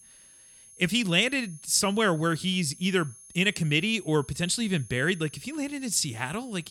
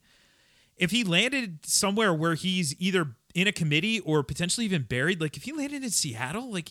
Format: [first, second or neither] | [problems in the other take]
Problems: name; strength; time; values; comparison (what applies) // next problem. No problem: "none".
second | high-pitched whine; faint; throughout; 10.5 kHz, 20 dB below the speech